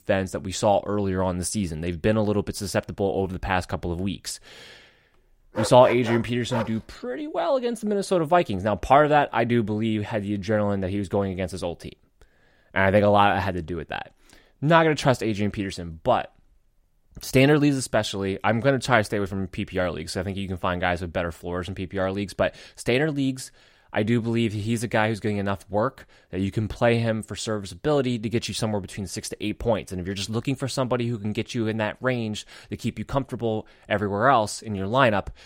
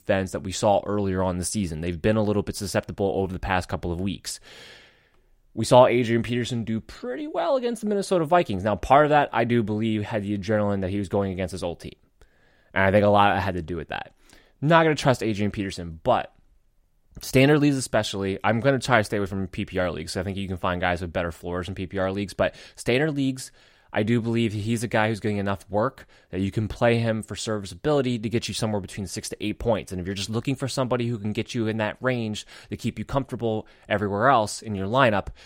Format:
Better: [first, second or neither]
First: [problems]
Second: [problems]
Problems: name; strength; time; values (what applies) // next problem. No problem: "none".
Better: second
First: dog barking; noticeable; from 5.5 to 6.5 s; peak 5 dB below the speech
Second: none